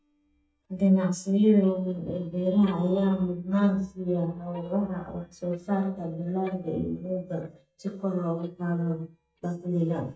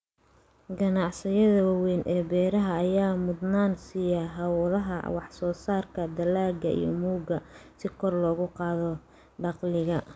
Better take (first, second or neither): second